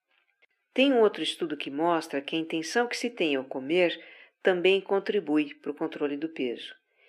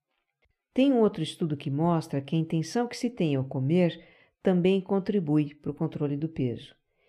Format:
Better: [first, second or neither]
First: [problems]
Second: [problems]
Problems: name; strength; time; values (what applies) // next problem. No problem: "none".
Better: second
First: thin; somewhat; fading below 300 Hz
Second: none